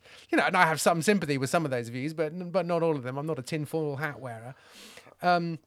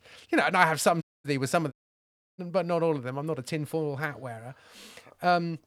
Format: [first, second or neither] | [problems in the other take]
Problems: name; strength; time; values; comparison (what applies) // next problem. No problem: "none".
first | audio cutting out; at 1 s and at 1.5 s for 0.5 s